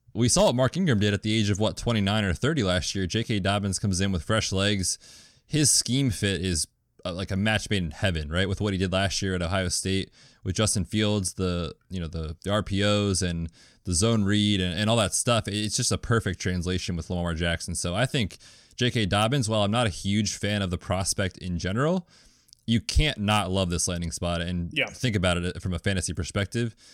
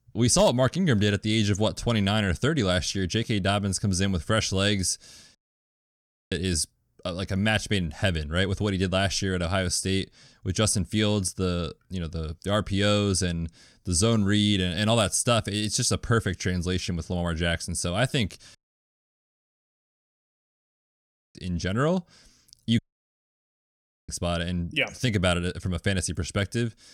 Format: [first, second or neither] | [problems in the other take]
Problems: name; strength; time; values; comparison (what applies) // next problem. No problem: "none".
first | audio cutting out; at 5.5 s for 1 s, at 19 s for 3 s and at 23 s for 1.5 s